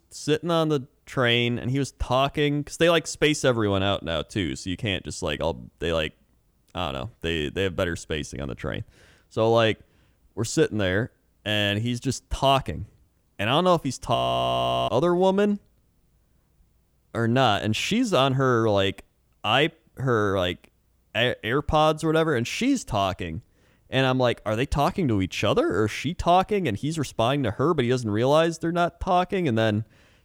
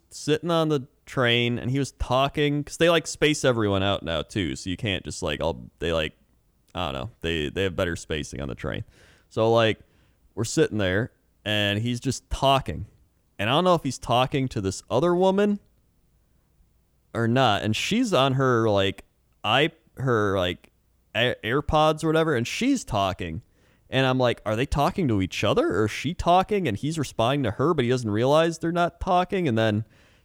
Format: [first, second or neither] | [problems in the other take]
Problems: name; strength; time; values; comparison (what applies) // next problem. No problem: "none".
second | audio freezing; at 14 s for 0.5 s